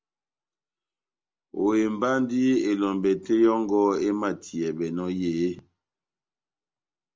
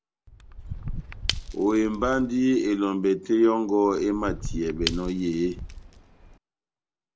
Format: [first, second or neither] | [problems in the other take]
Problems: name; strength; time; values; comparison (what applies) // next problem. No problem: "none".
first | background sound (Shatter / Crushing); 9 dB below the speech